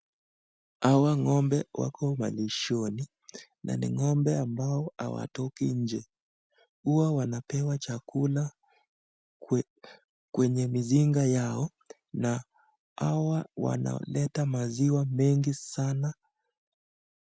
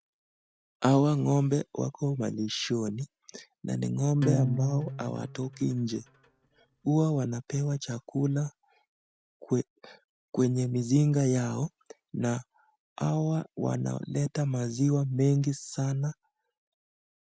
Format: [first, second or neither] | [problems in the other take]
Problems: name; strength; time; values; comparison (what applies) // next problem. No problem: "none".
first | background sound (Acoustic guitar); 5 dB below the speech